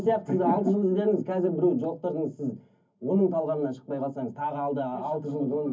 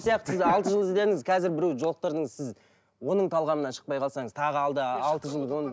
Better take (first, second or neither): second